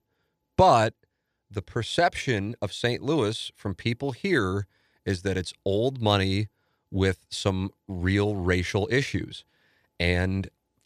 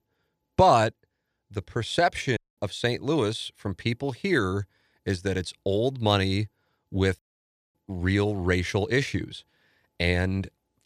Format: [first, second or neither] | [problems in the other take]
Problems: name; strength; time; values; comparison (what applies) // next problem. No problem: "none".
first | audio cutting out; at 2.5 s and at 7 s for 0.5 s